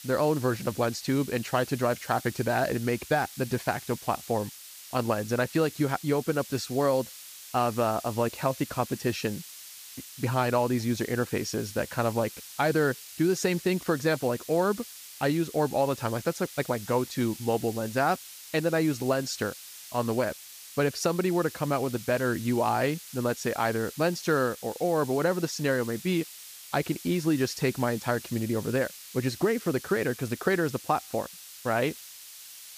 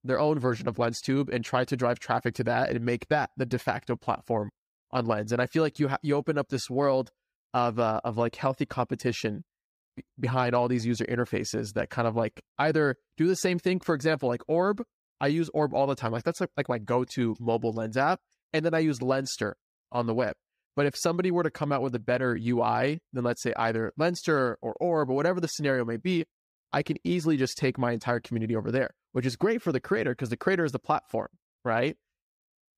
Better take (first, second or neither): second